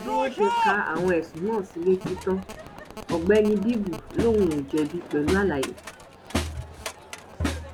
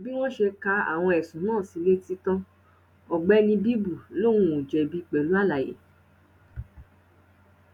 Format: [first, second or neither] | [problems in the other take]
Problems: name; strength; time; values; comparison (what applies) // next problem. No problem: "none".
second | background sound (Crowd); 6 dB below the speech